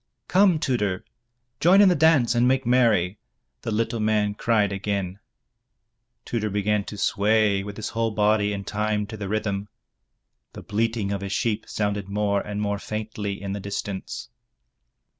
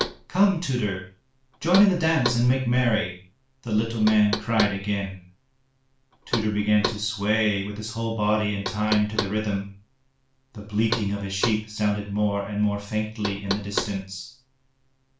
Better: first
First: none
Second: background sound (Knock); 10 dB below the speech // room echo; dies away in 0.3 s

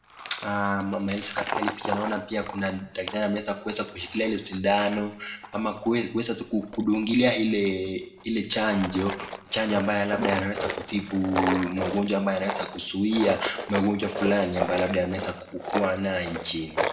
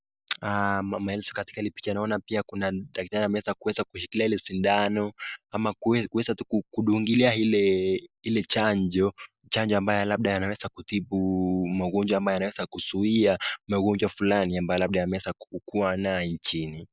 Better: second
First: background sound (Tools); 8 dB below the speech // room echo; dies away in 0.6 s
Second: none

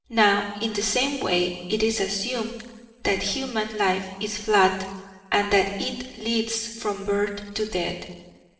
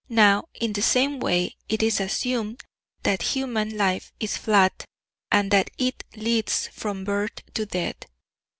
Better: second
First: room echo; dies away in 1.2 s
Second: none

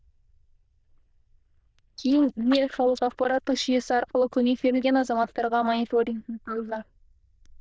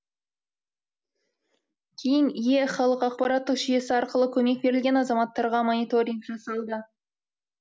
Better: second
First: noise reduction (neural diffusion model UNIVERSE++)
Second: none

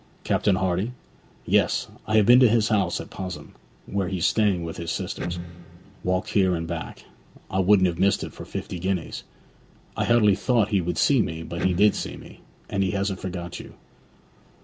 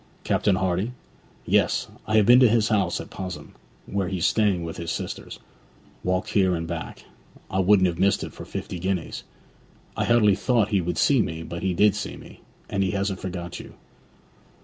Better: second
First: background sound (Electric guitar); 10 dB below the speech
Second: none

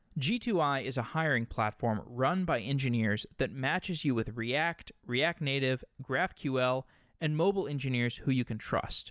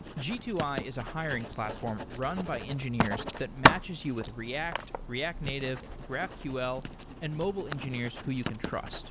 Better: first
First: none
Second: background sound (Writing); 1 dB above the speech

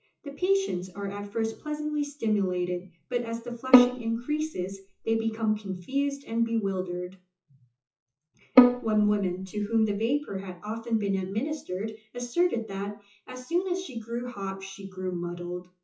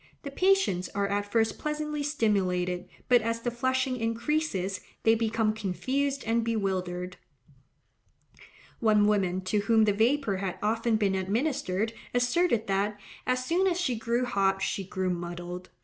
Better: second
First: noise reduction (classical method WPE with log-MMSE)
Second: none

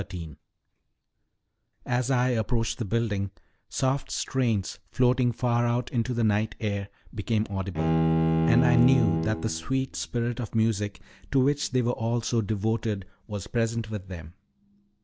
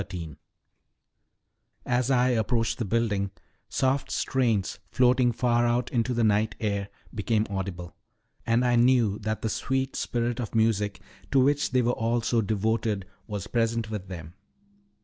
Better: second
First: background sound (Bowed string instrument); as loud as the speech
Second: none

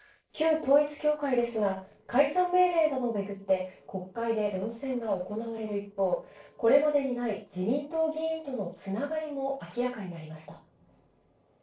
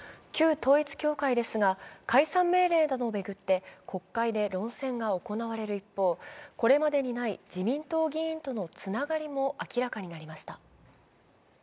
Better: second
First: noise reduction (neural separator model SepFormer DNS4)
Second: none

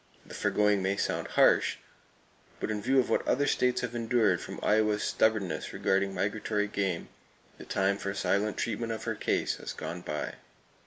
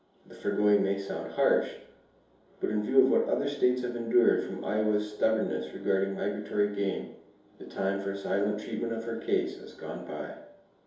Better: first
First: none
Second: room echo; dies away in 2.8 s

